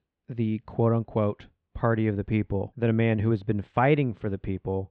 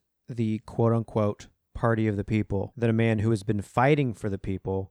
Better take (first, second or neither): second